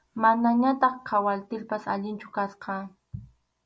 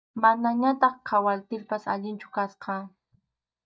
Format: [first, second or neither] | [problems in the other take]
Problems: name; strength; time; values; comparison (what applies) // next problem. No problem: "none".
first | noise reduction (neural mask model DeepFilterNet 3)